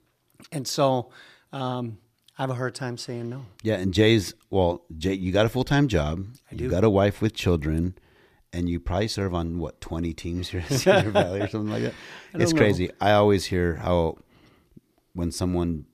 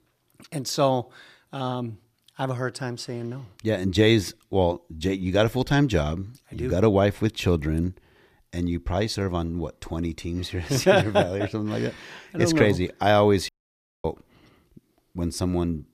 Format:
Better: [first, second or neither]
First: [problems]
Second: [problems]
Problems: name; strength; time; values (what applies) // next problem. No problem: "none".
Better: first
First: none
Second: audio cutting out; at 13 s for 0.5 s